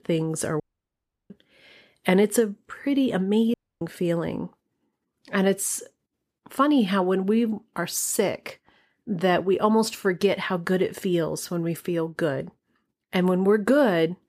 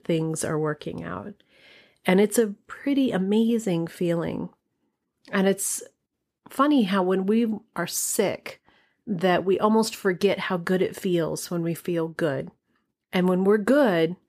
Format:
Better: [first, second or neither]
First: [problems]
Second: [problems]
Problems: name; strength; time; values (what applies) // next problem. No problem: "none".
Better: second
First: audio cutting out; at 0.5 s for 0.5 s and at 3.5 s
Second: none